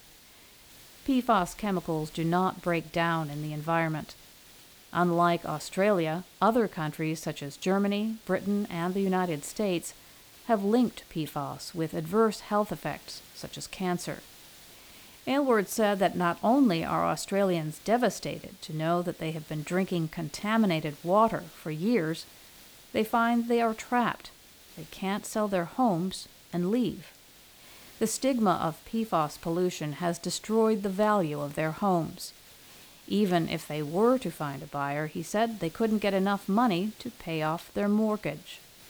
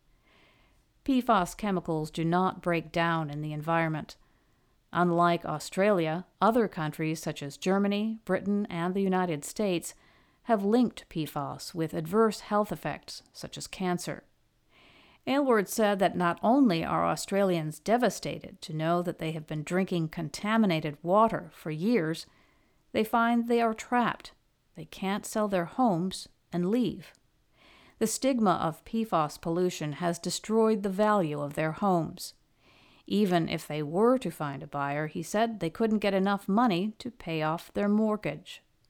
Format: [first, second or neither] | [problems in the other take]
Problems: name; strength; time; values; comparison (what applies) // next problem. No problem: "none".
second | hiss; faint; throughout; 20 dB below the speech